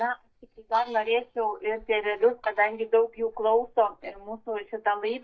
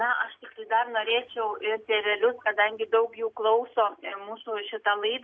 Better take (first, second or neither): second